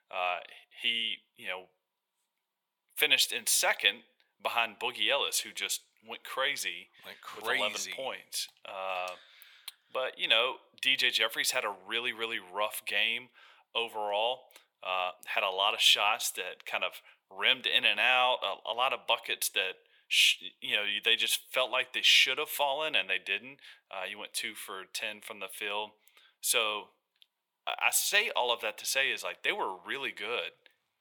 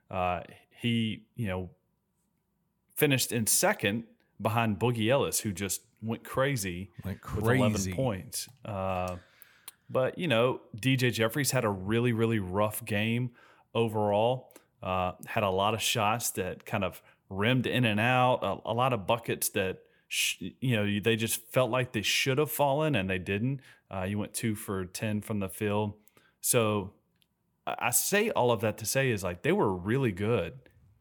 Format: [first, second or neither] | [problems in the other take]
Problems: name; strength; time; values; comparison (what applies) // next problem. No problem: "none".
second | thin; very; fading below 750 Hz